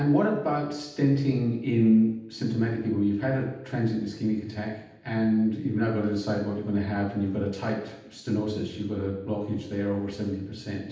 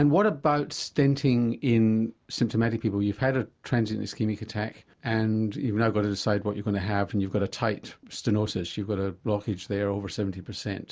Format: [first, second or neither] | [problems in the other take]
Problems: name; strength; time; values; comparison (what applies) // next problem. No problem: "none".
second | room echo; dies away in 0.8 s